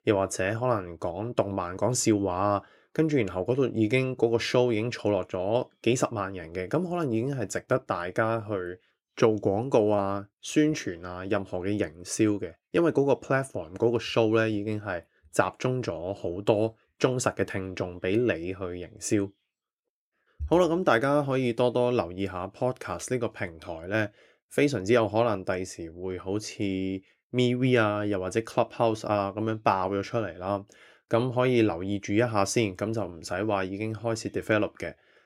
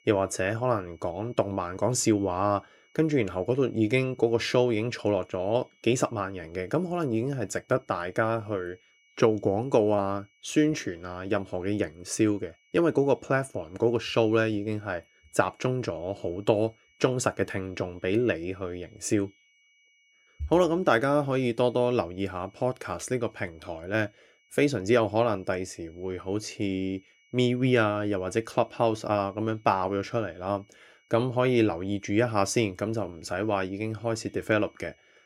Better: first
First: none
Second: high-pitched whine; faint; throughout; 2.5 kHz, 35 dB below the speech

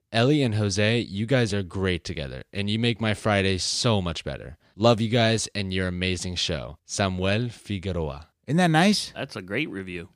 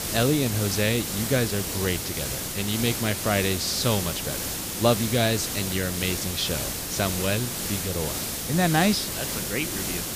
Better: first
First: none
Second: hiss; loud; throughout; 2 dB below the speech

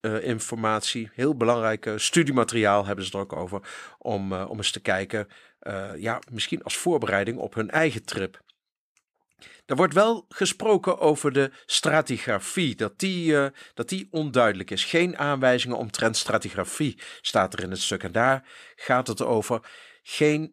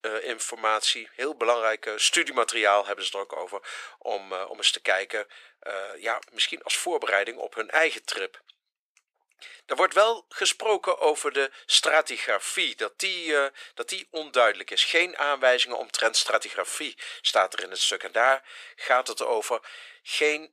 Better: first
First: none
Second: thin; very; fading below 450 Hz

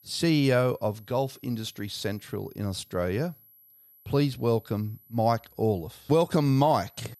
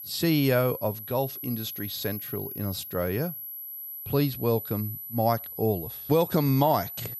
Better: first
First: high-pitched whine; faint; throughout; 12 kHz, 25 dB below the speech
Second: high-pitched whine; loud; throughout; 12 kHz, 8 dB below the speech

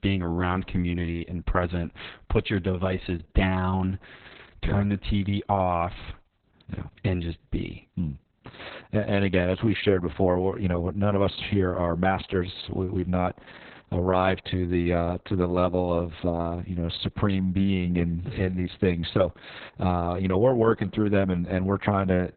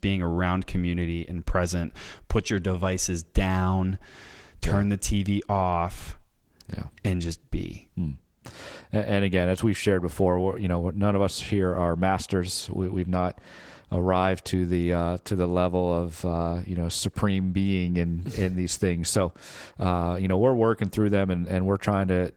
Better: second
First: garbled, watery; badly; nothing above 4 kHz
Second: garbled, watery; slightly

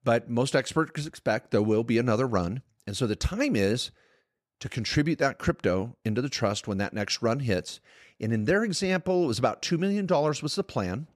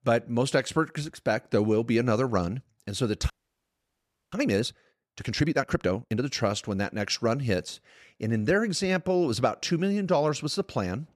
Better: first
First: none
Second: audio freezing; at 3.5 s for 1 s

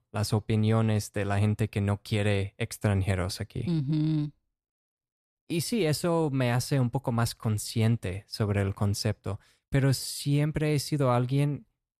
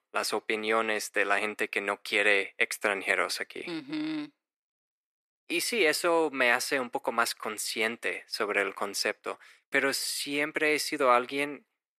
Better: first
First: none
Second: thin; very; fading below 350 Hz

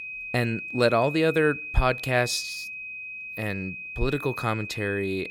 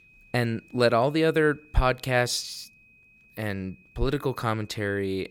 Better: second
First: high-pitched whine; loud; throughout; 2.5 kHz, 8 dB below the speech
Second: high-pitched whine; faint; throughout; 2.5 kHz, 30 dB below the speech

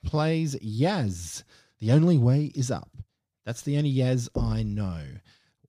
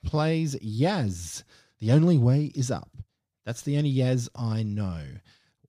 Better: second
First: door banging; noticeable; at 4.5 s; peak 8 dB below the speech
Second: none

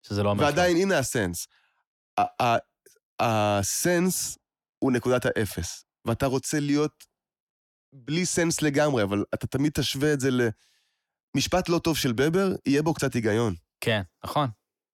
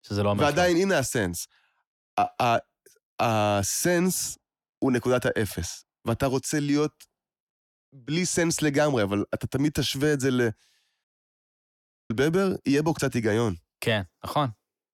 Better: first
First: none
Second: audio cutting out; at 11 s for 1 s

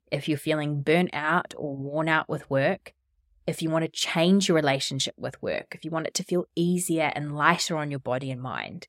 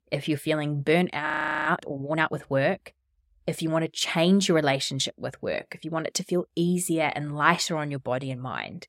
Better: first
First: none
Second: audio freezing; at 1.5 s

